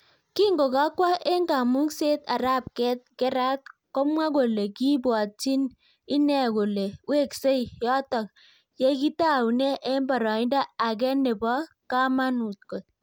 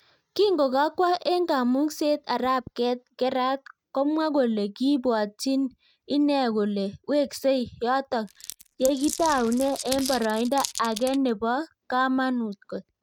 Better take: first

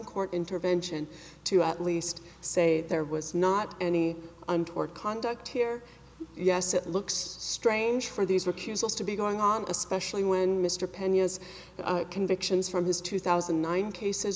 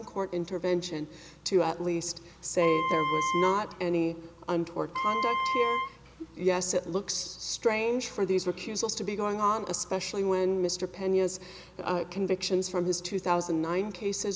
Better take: first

